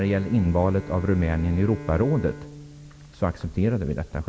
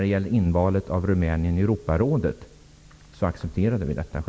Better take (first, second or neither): second